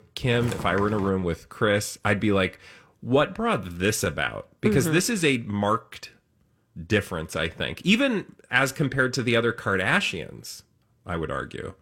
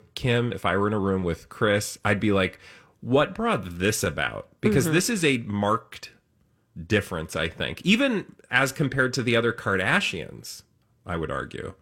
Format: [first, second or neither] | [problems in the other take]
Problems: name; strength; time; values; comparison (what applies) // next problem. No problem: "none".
second | footsteps; noticeable; at 0.5 s; peak 10 dB below the speech